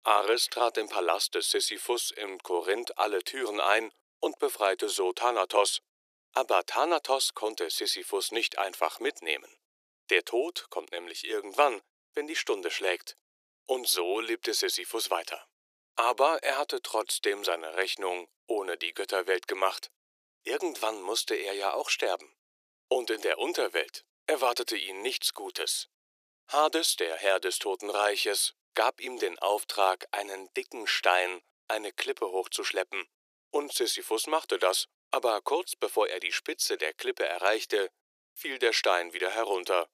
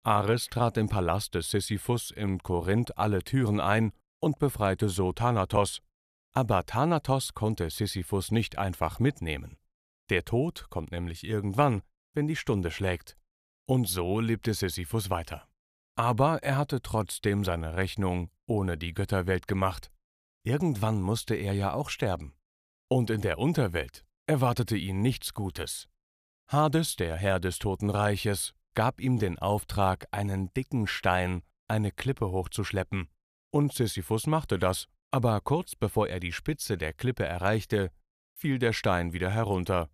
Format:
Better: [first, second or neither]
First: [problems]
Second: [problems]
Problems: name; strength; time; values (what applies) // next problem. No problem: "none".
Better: second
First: thin; very; fading below 350 Hz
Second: none